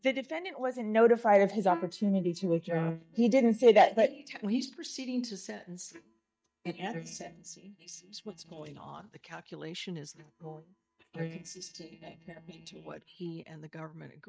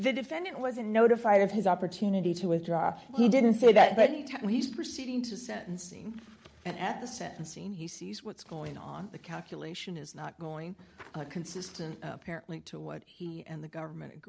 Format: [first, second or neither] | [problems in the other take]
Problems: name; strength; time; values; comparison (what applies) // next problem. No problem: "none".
second | noise reduction (neural mask model DeepFilterNet 3)